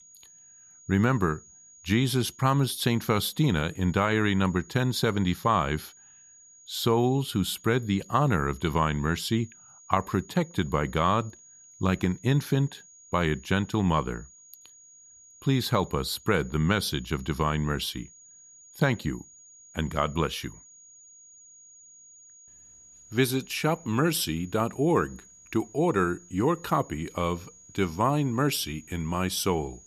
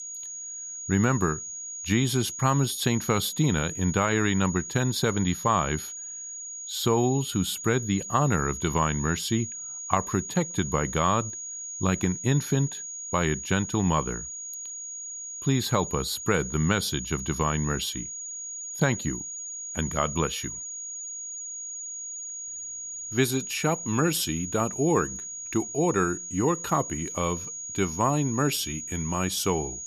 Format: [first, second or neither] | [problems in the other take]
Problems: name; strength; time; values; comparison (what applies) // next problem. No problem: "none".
first | high-pitched whine; loud; throughout; 6.5 kHz, 7 dB below the speech; faint in the first